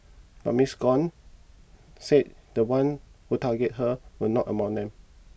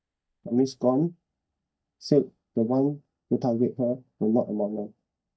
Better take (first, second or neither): first